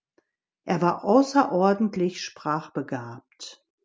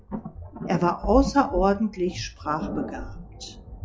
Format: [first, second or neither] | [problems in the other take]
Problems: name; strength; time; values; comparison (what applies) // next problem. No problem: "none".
first | noise reduction (classical method log-MMSE)